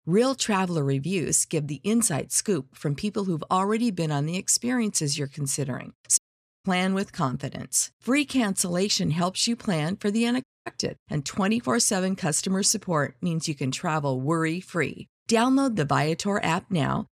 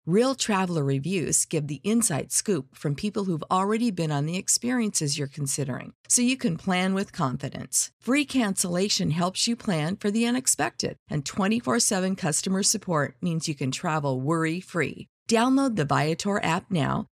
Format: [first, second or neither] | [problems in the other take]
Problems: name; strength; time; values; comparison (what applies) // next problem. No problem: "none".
second | audio cutting out; at 6 s and at 10 s